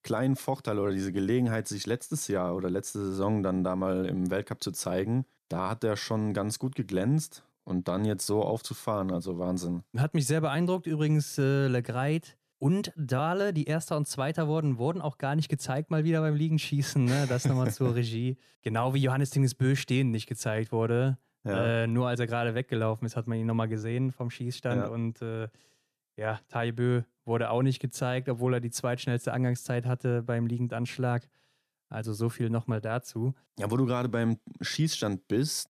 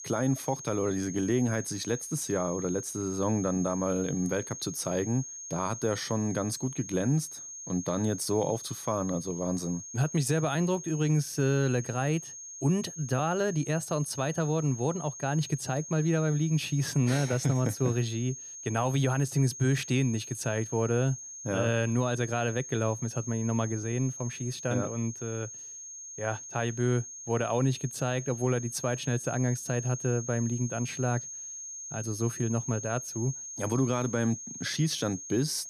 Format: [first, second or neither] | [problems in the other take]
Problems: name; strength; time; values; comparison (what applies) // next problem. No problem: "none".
first | high-pitched whine; loud; throughout; 6.5 kHz, 10 dB below the speech